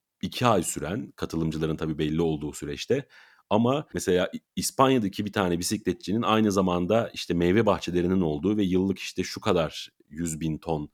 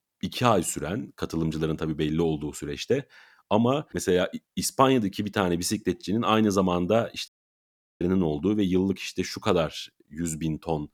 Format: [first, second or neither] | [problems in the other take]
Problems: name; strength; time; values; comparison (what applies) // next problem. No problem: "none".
first | audio cutting out; at 7.5 s for 0.5 s